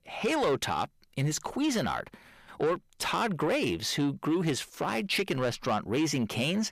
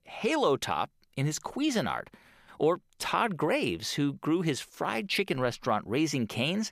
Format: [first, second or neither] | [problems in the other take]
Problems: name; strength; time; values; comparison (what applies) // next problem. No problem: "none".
second | distortion; slight; 10 dB below the speech